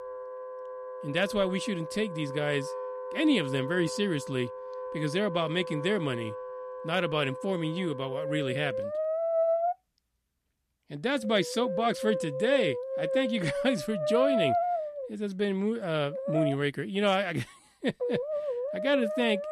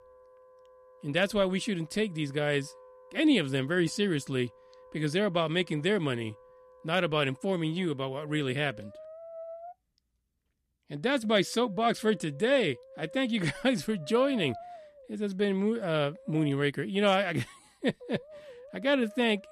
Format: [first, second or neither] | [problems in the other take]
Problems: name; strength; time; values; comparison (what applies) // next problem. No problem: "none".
second | background music; loud; throughout; 4 dB below the speech; faint in the second